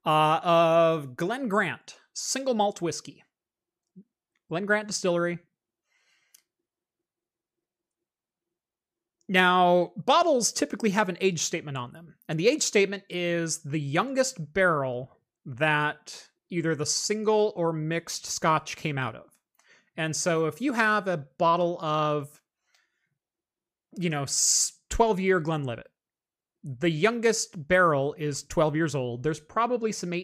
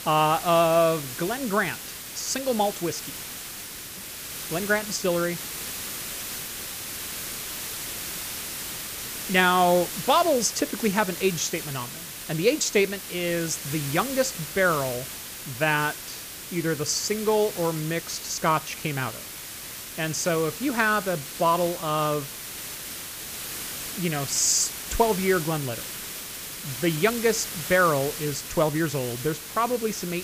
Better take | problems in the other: first | hiss; loud; throughout; 8 dB below the speech

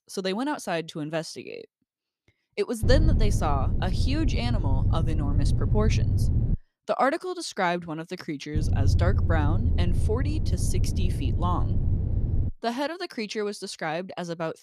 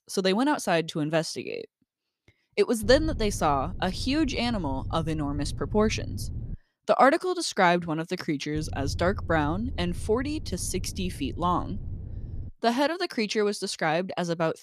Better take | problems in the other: second | low rumble; loud; from 3 to 6.5 s and from 8.5 to 12 s; 9 dB below the speech; faint in the second

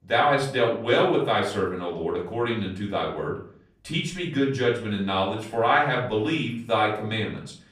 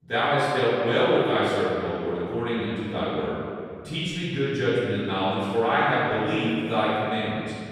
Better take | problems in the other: first | room echo; strong; dies away in 2.2 s; slight in the first // off-mic speech; far; far in the first

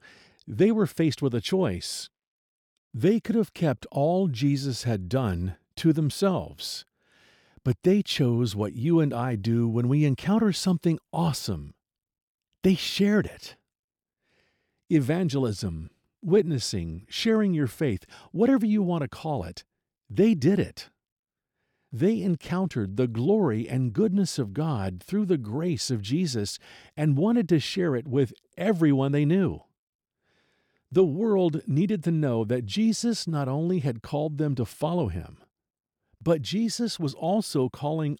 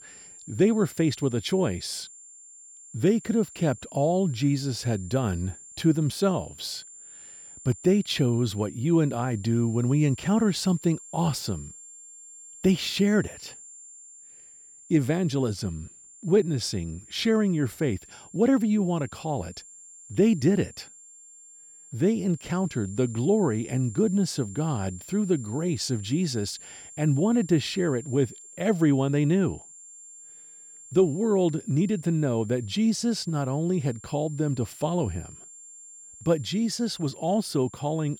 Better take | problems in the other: first | high-pitched whine; noticeable; throughout; 7.5 kHz, 20 dB below the speech

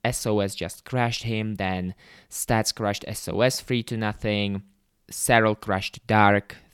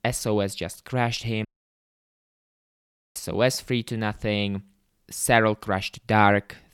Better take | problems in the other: first | audio cutting out; at 1.5 s for 1.5 s

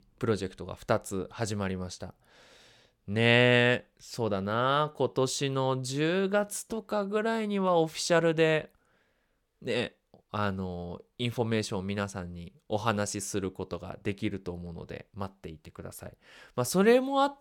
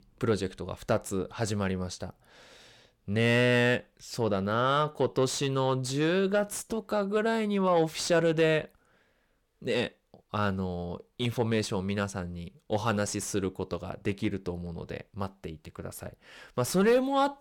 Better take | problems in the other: first | distortion; slight; 10 dB below the speech

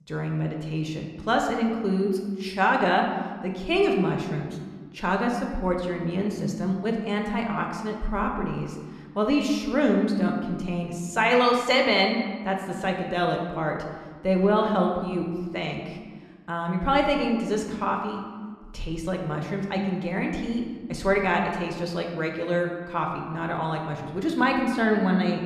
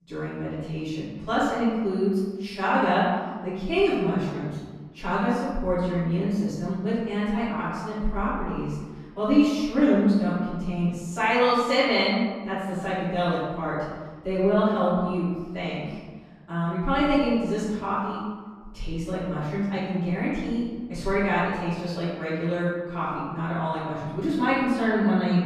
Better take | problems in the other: first | room echo; strong; dies away in 1.3 s; slight in the first // off-mic speech; far

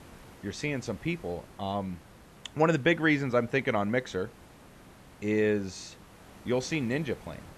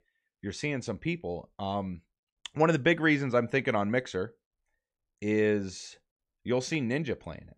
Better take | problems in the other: second | hiss; faint; throughout; 20 dB below the speech

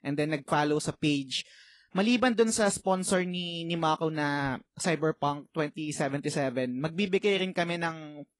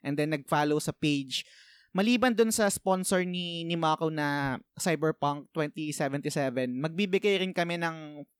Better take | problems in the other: second | garbled, watery; slightly; nothing above 10.5 kHz

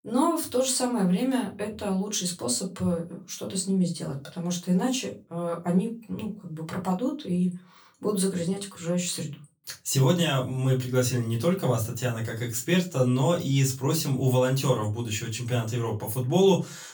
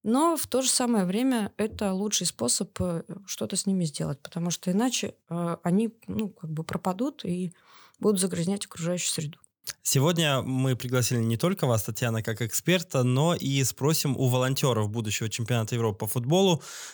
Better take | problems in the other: second | off-mic speech; far // room echo; very slight; dies away in 0.2 s

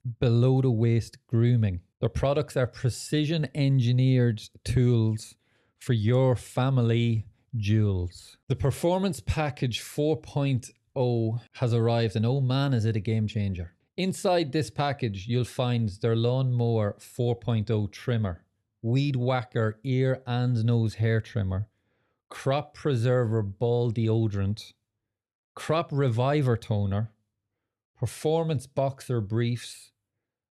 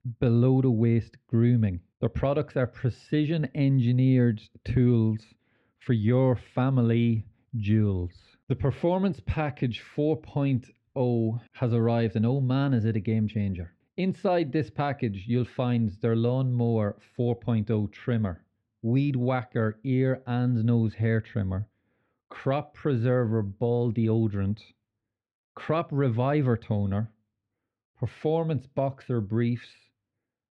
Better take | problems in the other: first | muffled; slightly; fading above 2.5 kHz

